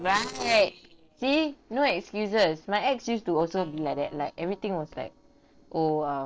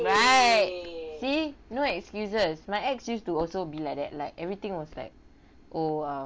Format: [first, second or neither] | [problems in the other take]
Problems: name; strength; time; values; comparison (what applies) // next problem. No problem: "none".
second | noise reduction (neural separator model SepFormer DNS4)